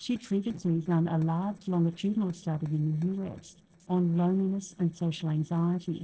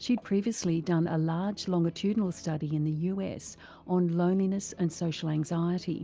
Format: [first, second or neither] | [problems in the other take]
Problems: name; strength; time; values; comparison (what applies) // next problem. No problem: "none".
second | noise reduction (neural separator model SepFormer DNS4)